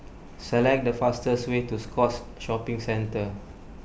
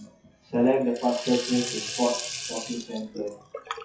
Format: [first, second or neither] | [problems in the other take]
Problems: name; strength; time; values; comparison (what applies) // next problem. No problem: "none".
first | noise reduction (classical method WPE with log-MMSE)